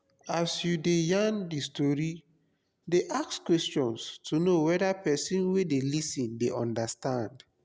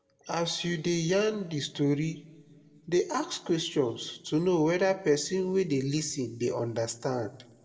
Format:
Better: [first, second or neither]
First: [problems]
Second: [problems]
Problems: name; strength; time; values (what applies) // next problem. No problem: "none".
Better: first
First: none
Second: room echo; dies away in 0.9 s